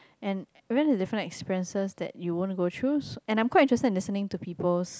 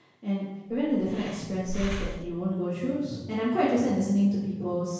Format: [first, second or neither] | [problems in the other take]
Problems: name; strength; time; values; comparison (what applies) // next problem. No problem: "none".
first | background sound (Breathing); 9 dB below the speech // room echo; dies away in 1 s